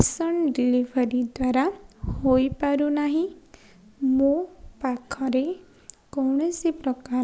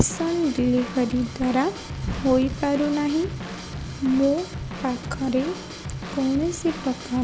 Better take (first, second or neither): first